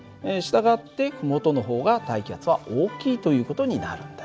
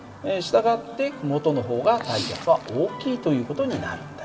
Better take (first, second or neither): first